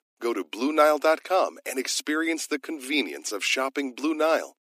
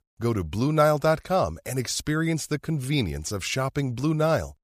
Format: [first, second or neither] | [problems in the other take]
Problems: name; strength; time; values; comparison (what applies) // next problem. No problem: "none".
second | thin; somewhat; fading below 250 Hz